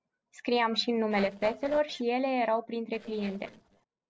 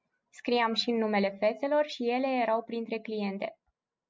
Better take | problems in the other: second | noise reduction (neural separator model SepFormer DNS4)

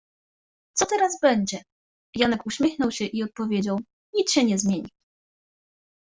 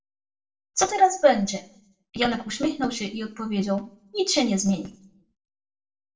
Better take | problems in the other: first | room echo; dies away in 0.3 s

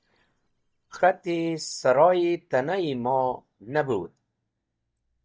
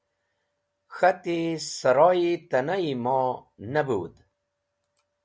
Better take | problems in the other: second | noise reduction (neural mask model DeepFilterNet 3)

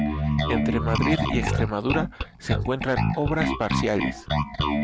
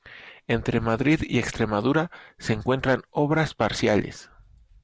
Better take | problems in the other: second | background sound (Bass guitar); 2 dB above the speech

